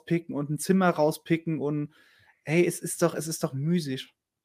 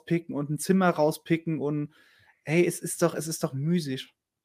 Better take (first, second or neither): neither